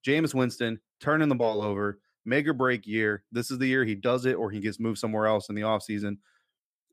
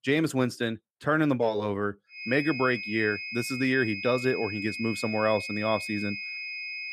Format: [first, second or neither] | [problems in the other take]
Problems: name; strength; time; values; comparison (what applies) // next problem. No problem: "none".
first | high-pitched whine; loud; from 2 s on; 2.5 kHz, 6 dB below the speech